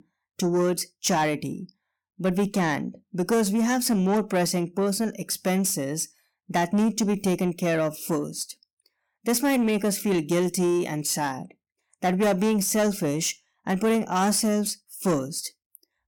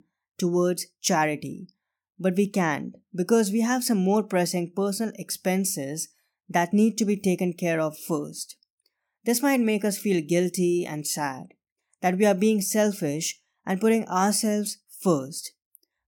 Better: second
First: distortion; slight; 10 dB below the speech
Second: none

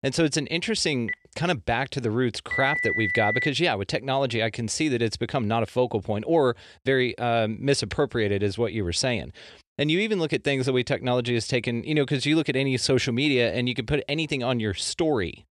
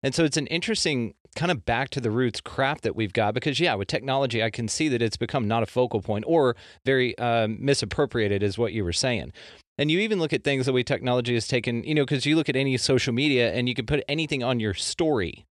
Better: second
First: phone ringing; loud; from 1 to 3.5 s; peak 1 dB above the speech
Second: none

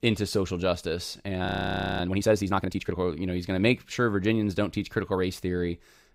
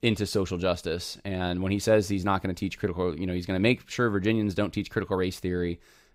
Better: second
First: audio freezing; at 1.5 s for 0.5 s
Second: none

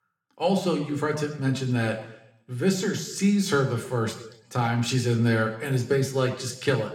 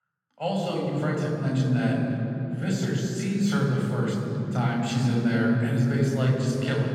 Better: first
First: room echo; slight; dies away in 0.8 s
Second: room echo; strong; dies away in 3 s // off-mic speech; far

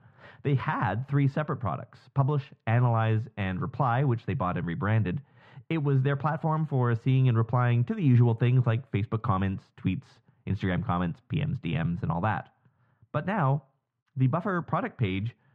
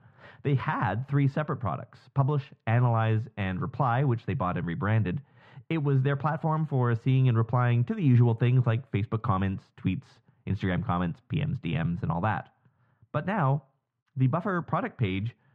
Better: neither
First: muffled; very; fading above 2 kHz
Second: muffled; very; fading above 2 kHz

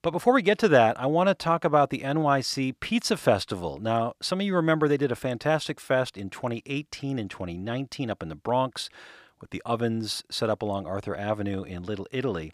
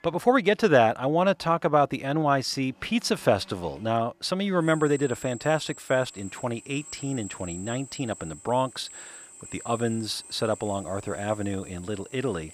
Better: first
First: none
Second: machinery noise; noticeable; throughout; 15 dB below the speech

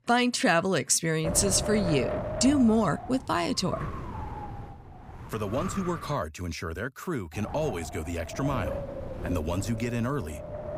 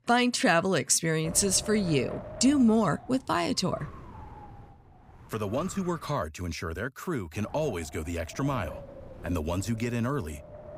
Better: second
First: wind noise on the microphone; heavy; from 1.5 to 6 s and from 7.5 s on; 8 dB below the speech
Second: wind noise on the microphone; occasional gusts; from 1.5 to 6 s and from 7.5 s on; 15 dB below the speech

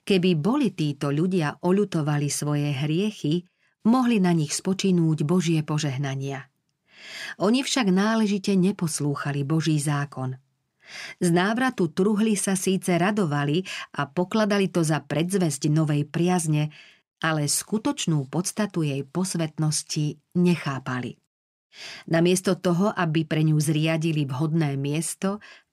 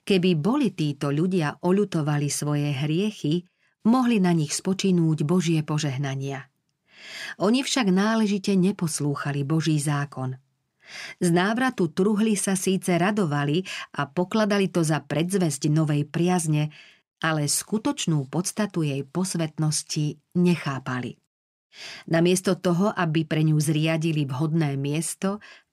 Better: neither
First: none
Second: none

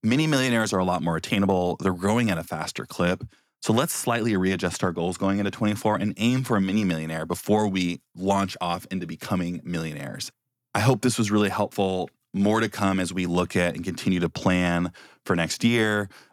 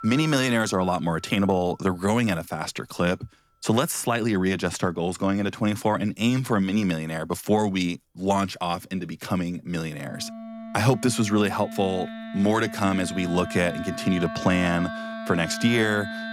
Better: first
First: none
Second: background music; noticeable; throughout; 10 dB below the speech

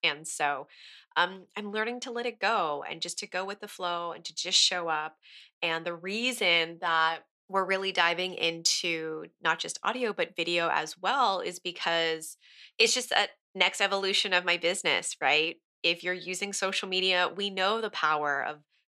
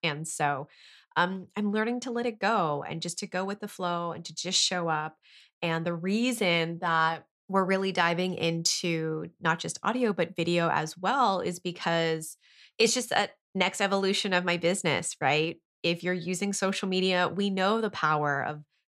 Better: second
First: thin; somewhat; fading below 350 Hz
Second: none

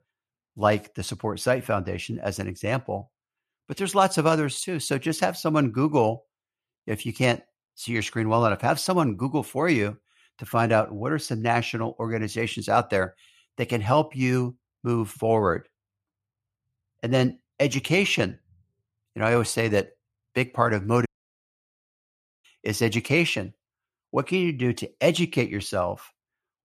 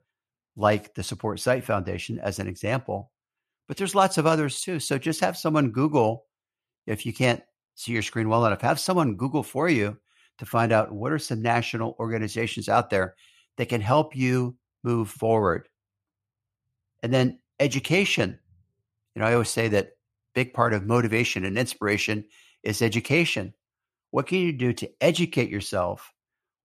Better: second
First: audio cutting out; at 21 s for 1.5 s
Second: none

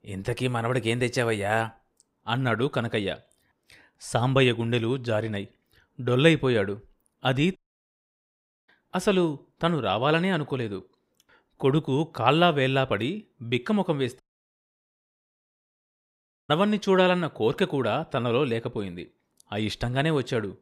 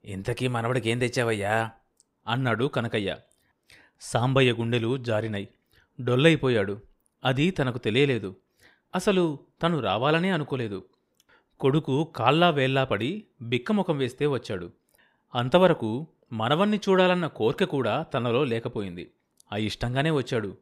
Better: second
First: audio cutting out; at 7.5 s for 1 s and at 14 s for 2.5 s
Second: none

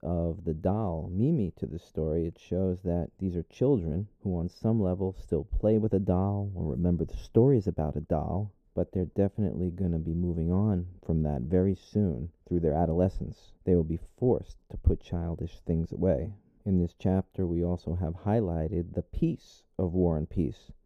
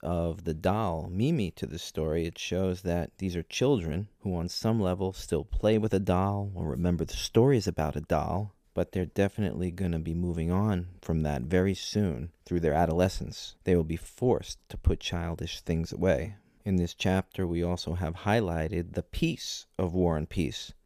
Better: second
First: muffled; very; fading above 1 kHz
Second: none

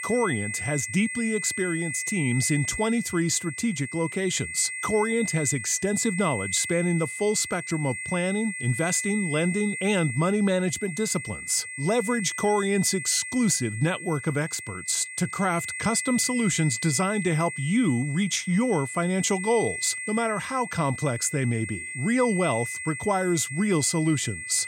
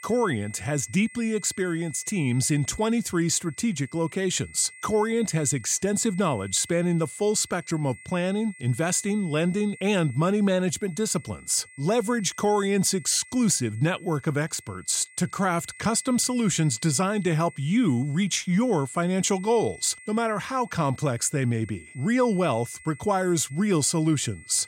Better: second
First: high-pitched whine; loud; throughout; 2 kHz, 7 dB below the speech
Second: high-pitched whine; faint; throughout; 2 kHz, 20 dB below the speech

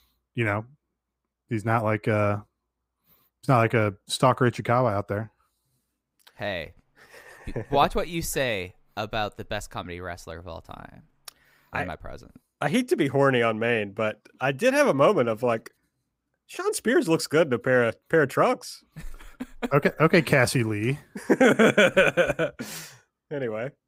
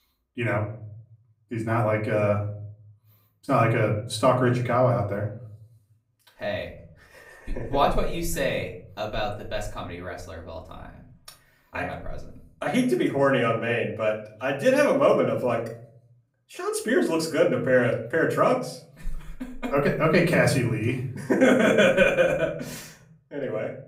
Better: first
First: none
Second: off-mic speech; far // room echo; slight; dies away in 0.6 s

